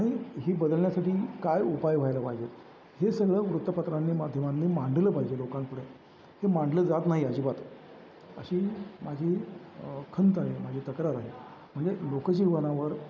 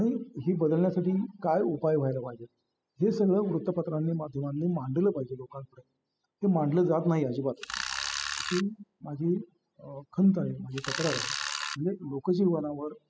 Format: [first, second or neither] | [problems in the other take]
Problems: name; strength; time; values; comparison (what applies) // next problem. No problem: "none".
first | noise reduction (classical method spectral subtraction)